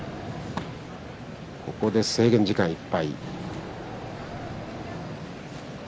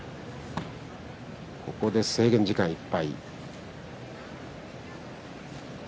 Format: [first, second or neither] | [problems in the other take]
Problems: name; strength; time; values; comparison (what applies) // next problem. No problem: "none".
second | background sound (Wild animals); 12 dB below the speech